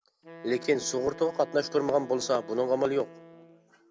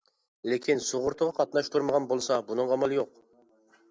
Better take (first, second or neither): second